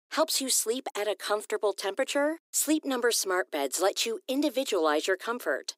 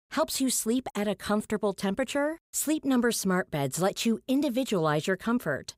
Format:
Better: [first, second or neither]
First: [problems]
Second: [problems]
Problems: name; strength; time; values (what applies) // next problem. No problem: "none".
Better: second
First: thin; somewhat; fading below 300 Hz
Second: none